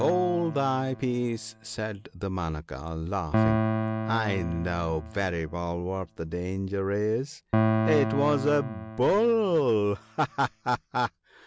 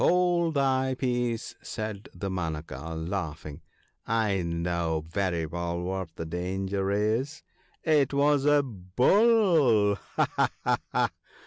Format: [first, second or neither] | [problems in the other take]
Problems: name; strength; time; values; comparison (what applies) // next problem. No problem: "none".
second | background sound (Piano); 5 dB below the speech